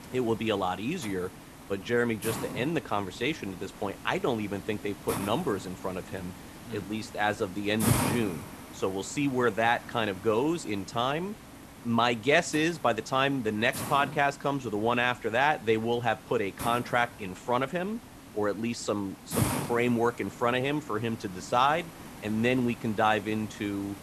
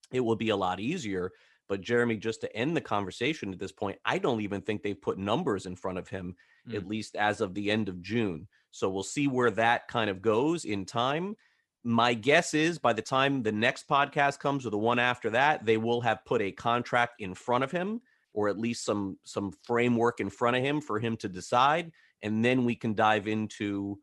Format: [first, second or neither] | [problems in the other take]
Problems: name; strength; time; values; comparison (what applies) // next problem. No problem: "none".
second | hiss; noticeable; throughout; 10 dB below the speech